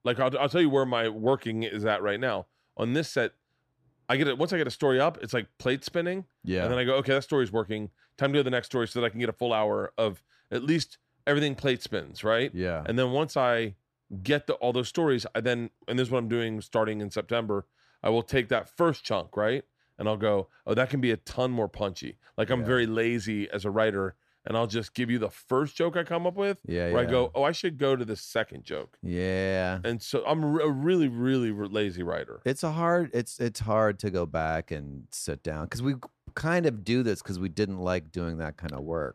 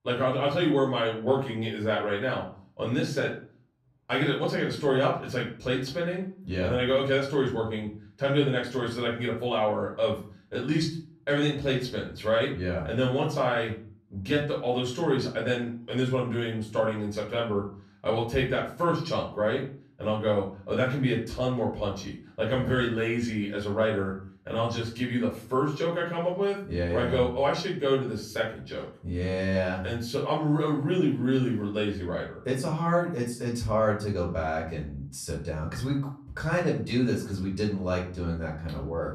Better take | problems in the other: first | off-mic speech; far // room echo; slight; dies away in 0.4 s

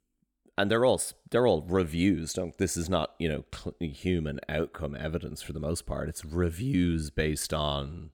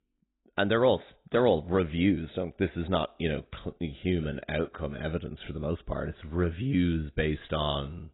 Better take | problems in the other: first | garbled, watery; badly; nothing above 4 kHz

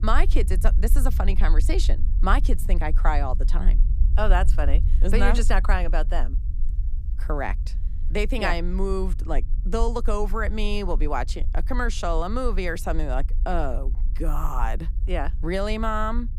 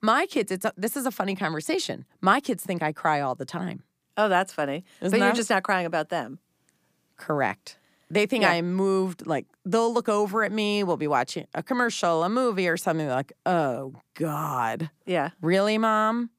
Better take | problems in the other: second | low rumble; noticeable; throughout; 20 dB below the speech

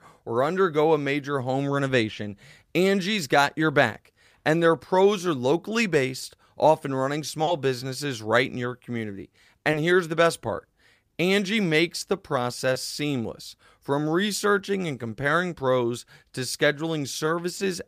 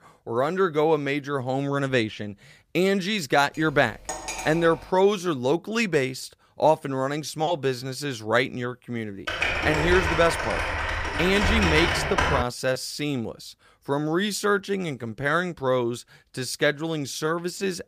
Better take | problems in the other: first | clattering dishes; noticeable; from 3.5 to 5 s; peak 6 dB below the speech // keyboard typing; loud; from 9.5 to 12 s; peak 2 dB above the speech

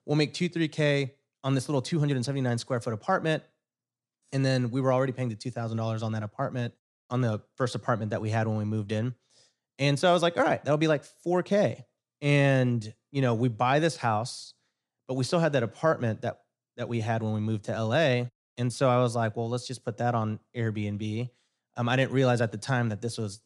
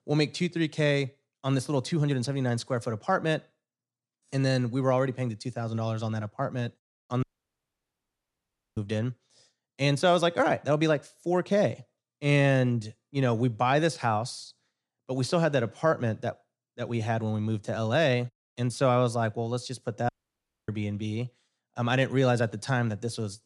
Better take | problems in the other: first | audio cutting out; at 7 s for 1.5 s and at 20 s for 0.5 s

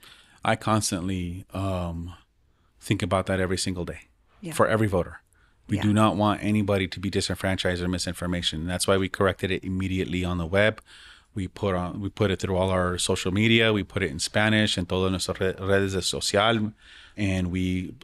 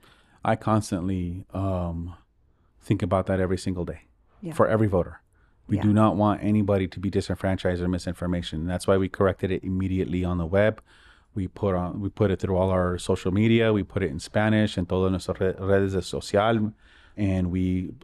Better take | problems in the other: first | muffled; slightly; fading above 1.5 kHz

